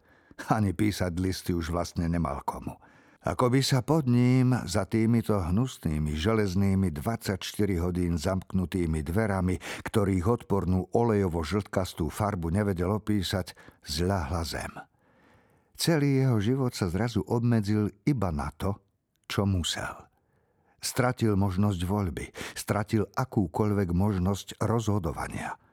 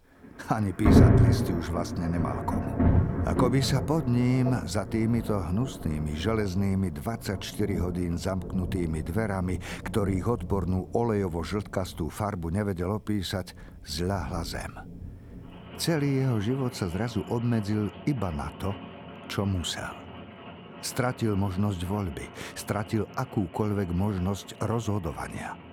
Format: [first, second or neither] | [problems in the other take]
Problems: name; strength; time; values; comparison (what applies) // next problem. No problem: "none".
first | rain or running water; very loud; throughout; as loud as the speech